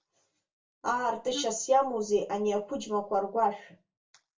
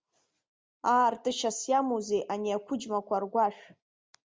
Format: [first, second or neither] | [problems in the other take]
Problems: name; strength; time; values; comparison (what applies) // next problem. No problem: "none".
second | background sound (Wind instrument, woodwind instrument); 13 dB below the speech // room echo; dies away in 0.2 s